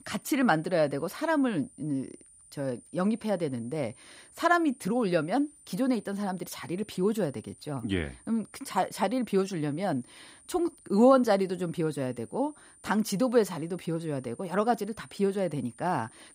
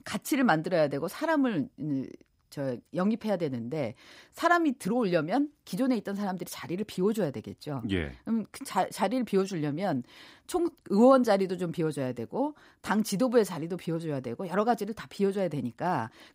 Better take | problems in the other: second | high-pitched whine; faint; throughout; 9 kHz, 25 dB below the speech

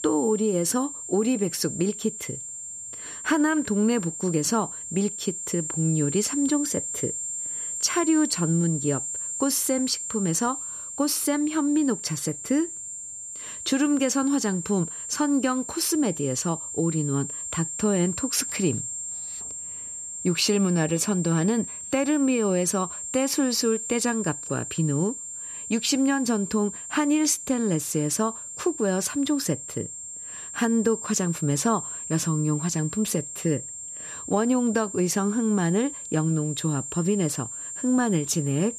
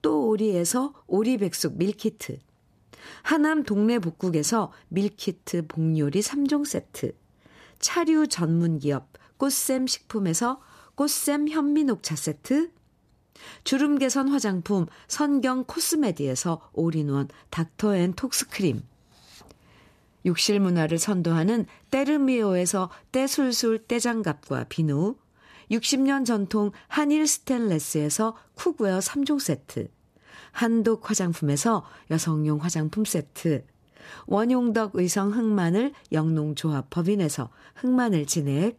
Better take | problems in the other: second | high-pitched whine; loud; throughout; 7.5 kHz, 7 dB below the speech

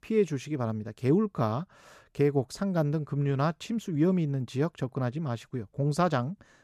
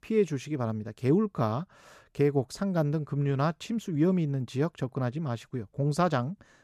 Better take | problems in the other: neither | none

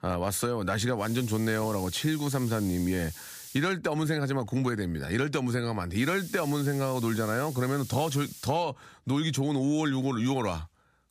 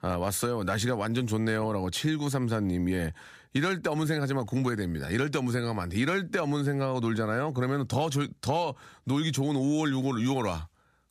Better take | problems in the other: second | hiss; noticeable; from 1 to 3.5 s and from 6 to 8.5 s; 15 dB below the speech

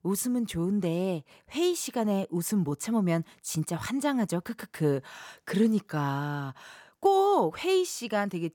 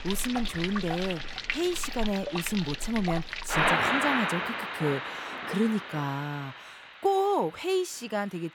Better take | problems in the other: first | rain or running water; loud; throughout; as loud as the speech

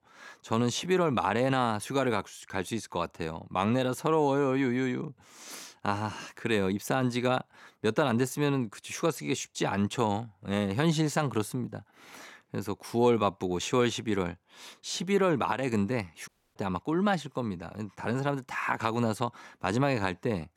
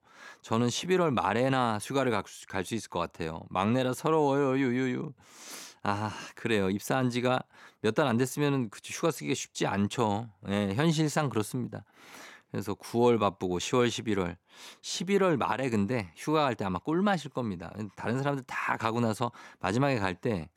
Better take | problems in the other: second | audio cutting out; at 16 s

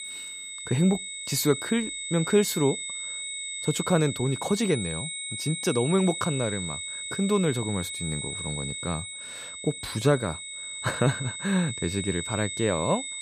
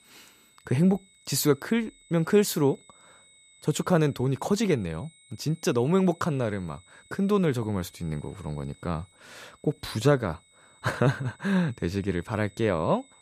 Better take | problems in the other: second | high-pitched whine; loud; throughout; 4 kHz, 5 dB below the speech; faint in the second

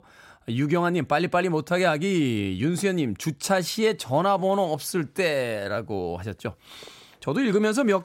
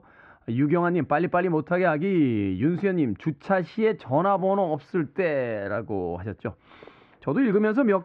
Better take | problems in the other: first | muffled; very; fading above 2 kHz

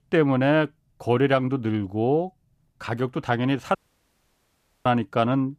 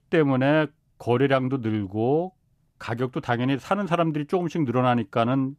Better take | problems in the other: second | audio cutting out; at 4 s for 1 s

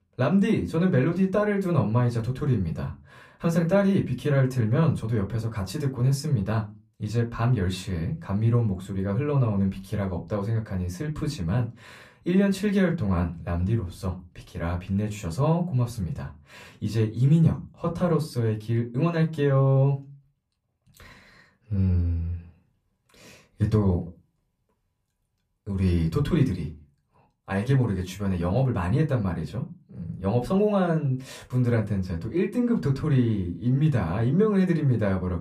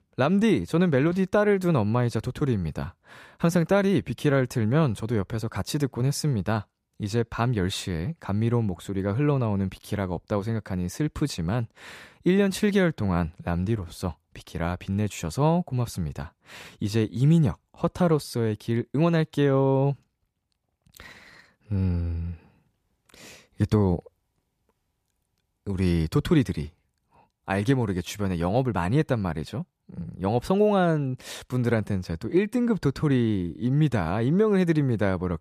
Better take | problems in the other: second | off-mic speech; somewhat distant // room echo; very slight; dies away in 0.2 s

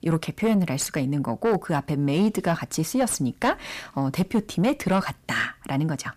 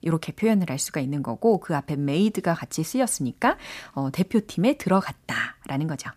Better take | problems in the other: second | distortion; slight; 10 dB below the speech

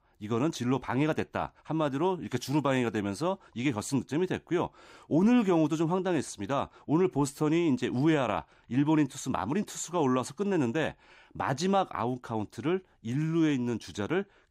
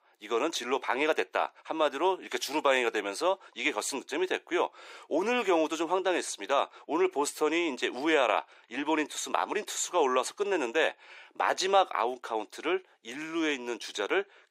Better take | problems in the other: first | thin; very; fading below 450 Hz

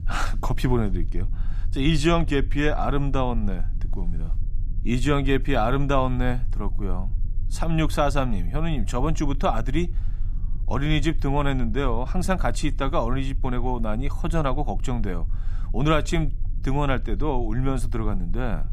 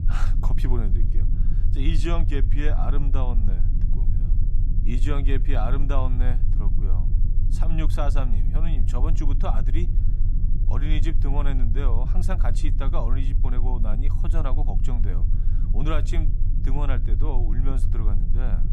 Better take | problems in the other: first | low rumble; loud; throughout; 8 dB below the speech; faint in the first

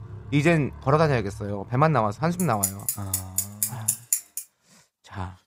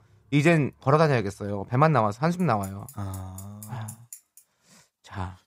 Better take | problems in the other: second | traffic noise; loud; until 4.5 s; 4 dB below the speech; faint in the second

